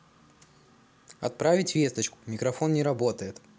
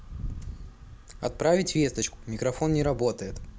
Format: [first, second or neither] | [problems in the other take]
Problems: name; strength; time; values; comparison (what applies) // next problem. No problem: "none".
first | background sound (Wind); 11 dB below the speech